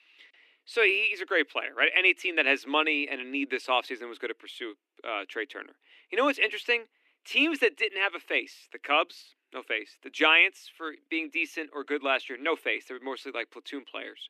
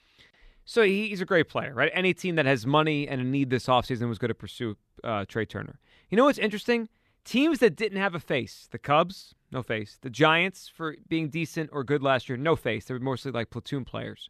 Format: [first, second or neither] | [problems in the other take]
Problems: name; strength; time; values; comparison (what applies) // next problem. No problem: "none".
second | thin; very slightly; fading below 300 Hz